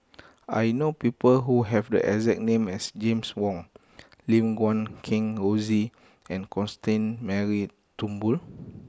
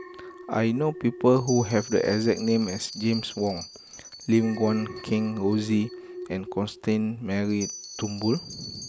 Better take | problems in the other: first | background sound (Alarm + Bell); 14 dB below the speech

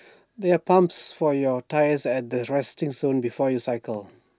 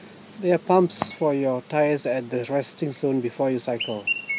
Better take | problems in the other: first | background sound (Chirp, tweet); 11 dB below the speech

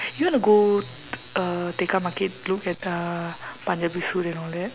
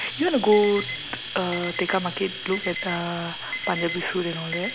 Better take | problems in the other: first | background sound (Alarm + Domestic sounds, home sounds); 8 dB below the speech

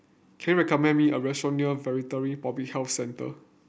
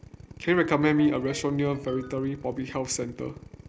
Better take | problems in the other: first | background sound (Drill + Ringtone); 16 dB below the speech

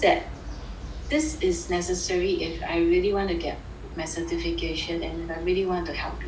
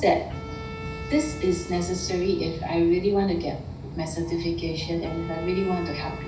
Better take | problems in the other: first | background sound (Bowed string instrument); 17 dB below the speech // room echo; dies away in 0.5 s

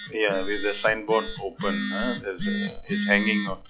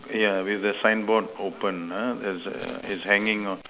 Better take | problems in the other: second | noise reduction (classical method log-MMSE)

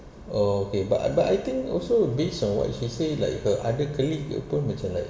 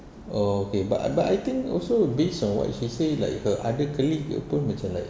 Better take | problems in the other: second | room echo; dies away in 2.1 s

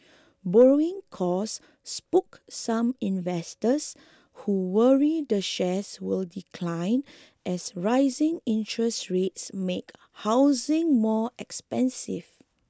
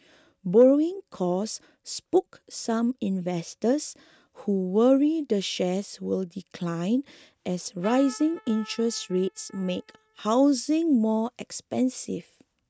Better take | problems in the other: first | noise reduction (neural mask model RNNoise)

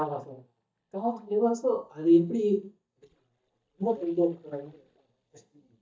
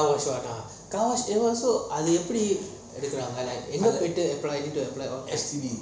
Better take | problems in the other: second | noise reduction (neural mask model DeepFilterNet 3)

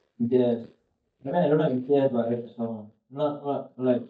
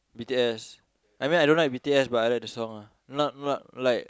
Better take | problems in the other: second | noise reduction (neural mask model DeepFilterNet 3)

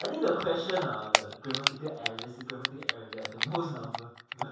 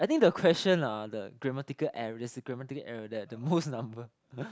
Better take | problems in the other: second | background sound (Typing); 1 dB below the speech // room echo; dies away in 0.7 s

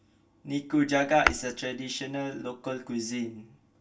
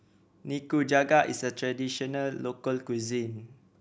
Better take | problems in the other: second | background sound (Tap / Hammer); 5 dB below the speech // room echo; dies away in 0.2 s

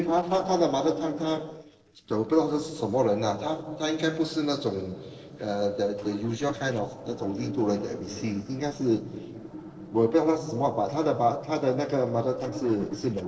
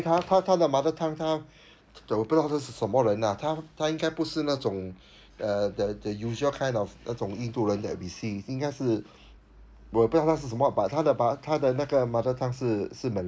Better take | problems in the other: second | noise reduction (neural separator model SepFormer DNS4)

